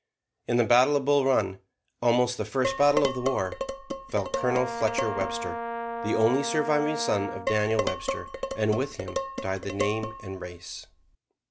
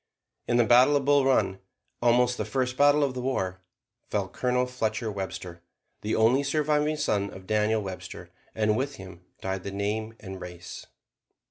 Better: second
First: background sound (Brass instrument + Dishes, pots, and pans); 5 dB below the speech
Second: none

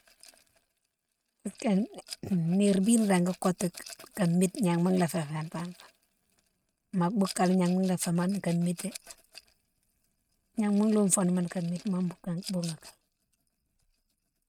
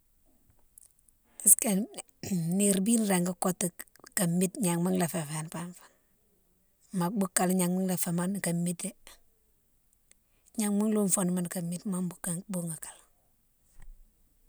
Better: second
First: noise reduction (neural mask model RNNoise)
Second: none

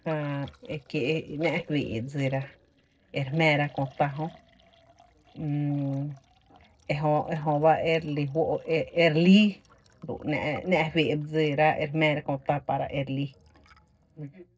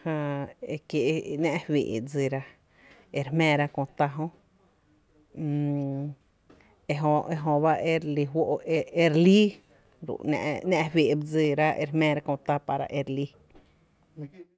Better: second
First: noise reduction (neural separator model SepFormer DNS4)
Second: none

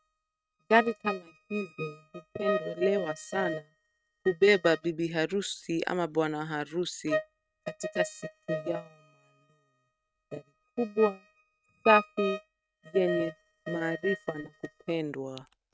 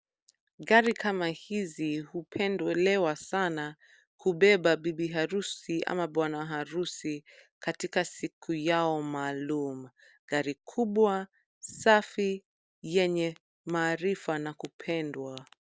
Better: second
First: noise reduction (neural mask model RNNoise)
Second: none

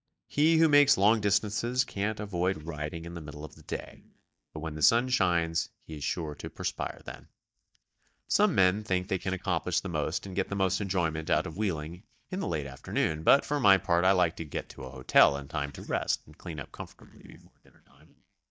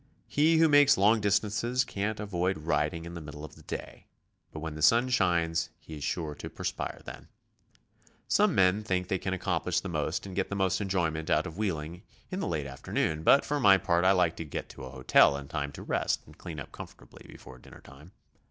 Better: second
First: noise reduction (neural mask model DeepFilterNet 3)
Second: none

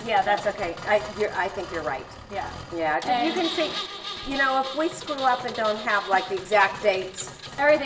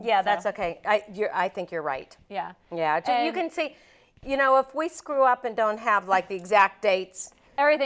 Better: second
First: background sound (Engine); 11 dB below the speech // room echo; dies away in 0.7 s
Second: none

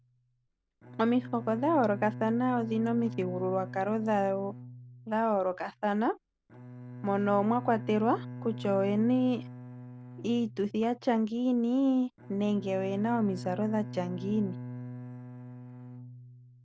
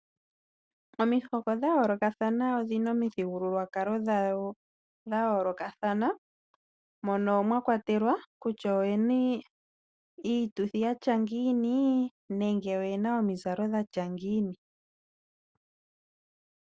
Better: second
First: background sound (Bowed string instrument); 12 dB below the speech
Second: none

